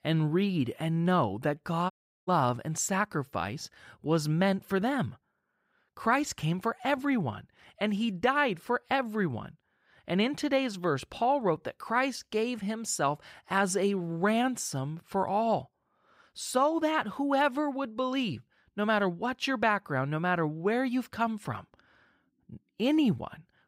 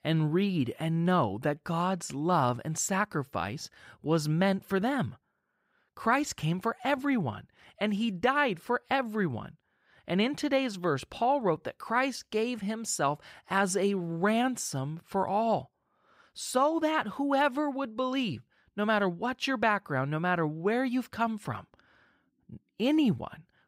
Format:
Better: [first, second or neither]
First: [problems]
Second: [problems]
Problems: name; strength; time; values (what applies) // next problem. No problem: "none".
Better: second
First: audio cutting out; at 2 s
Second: none